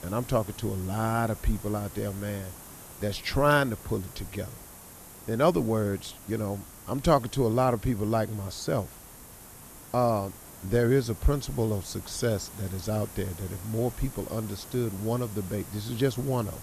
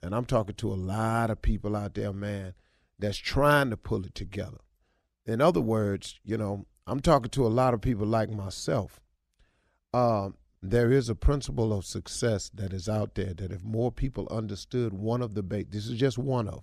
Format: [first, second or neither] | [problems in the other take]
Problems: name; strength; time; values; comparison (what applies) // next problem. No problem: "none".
second | hiss; noticeable; throughout; 15 dB below the speech